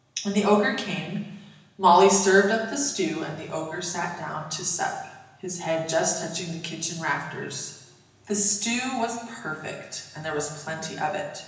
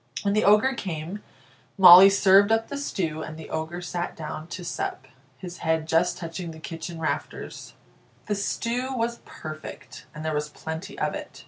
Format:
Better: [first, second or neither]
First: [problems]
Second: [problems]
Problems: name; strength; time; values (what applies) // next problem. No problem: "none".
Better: second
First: room echo; dies away in 1 s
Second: none